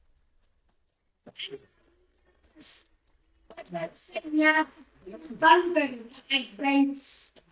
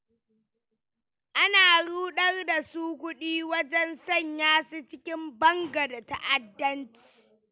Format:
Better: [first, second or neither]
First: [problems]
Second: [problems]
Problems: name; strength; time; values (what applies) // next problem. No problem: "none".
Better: second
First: noise reduction (neural mask model DeepFilterNet 3)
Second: none